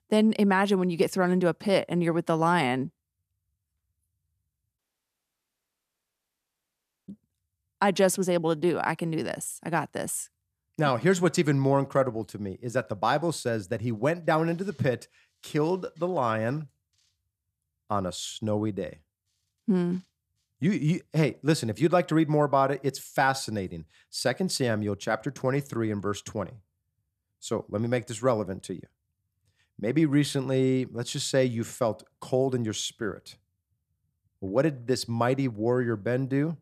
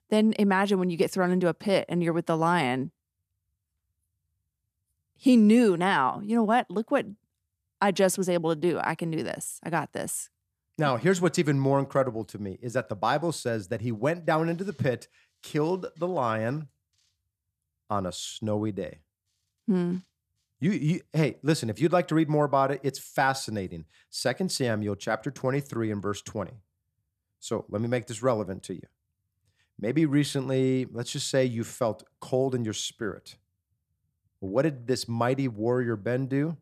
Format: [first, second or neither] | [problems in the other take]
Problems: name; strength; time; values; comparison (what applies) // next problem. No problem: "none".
second | audio cutting out; at 5 s for 2.5 s